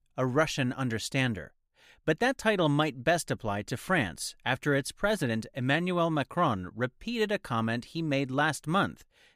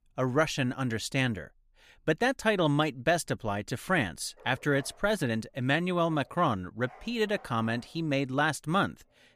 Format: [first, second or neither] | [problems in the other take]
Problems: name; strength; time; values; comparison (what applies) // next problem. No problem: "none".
first | animal sounds; faint; throughout; 25 dB below the speech